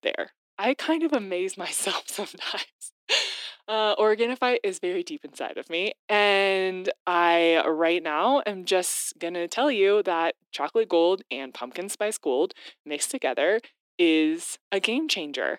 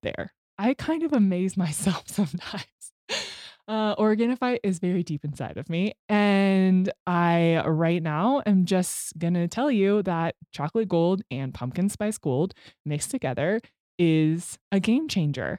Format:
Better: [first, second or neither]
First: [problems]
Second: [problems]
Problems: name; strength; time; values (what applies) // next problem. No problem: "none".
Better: second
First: thin; very; fading below 300 Hz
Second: none